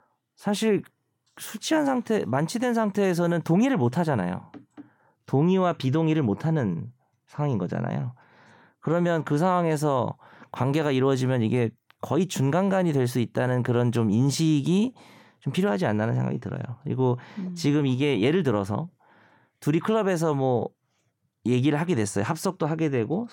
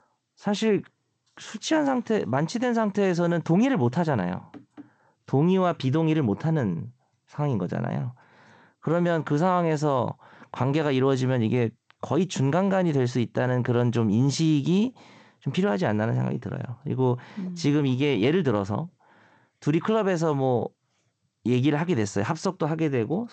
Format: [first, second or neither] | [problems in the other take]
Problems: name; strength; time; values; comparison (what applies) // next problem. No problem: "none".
first | garbled, watery; slightly; nothing above 8 kHz